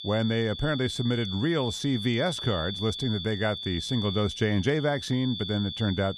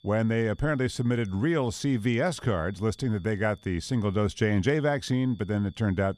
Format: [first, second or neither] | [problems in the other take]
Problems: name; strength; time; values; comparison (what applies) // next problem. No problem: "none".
second | high-pitched whine; loud; throughout; 3.5 kHz, 7 dB below the speech; faint in the second